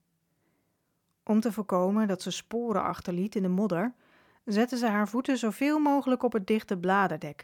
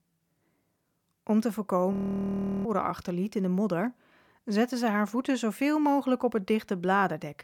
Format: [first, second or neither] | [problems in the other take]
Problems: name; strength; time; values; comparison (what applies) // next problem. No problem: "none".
first | audio freezing; at 2 s for 0.5 s